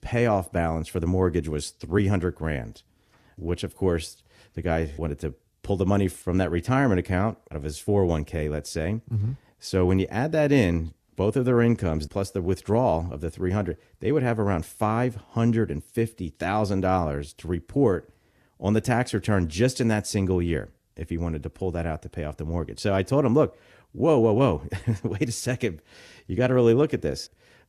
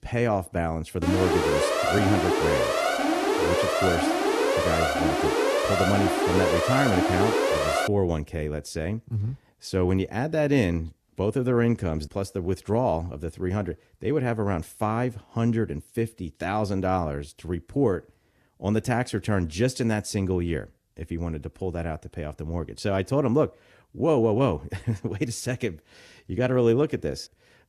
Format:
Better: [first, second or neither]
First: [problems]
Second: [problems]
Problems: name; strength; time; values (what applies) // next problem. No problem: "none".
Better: first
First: none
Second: alarm; loud; from 1 to 8 s; peak 4 dB above the speech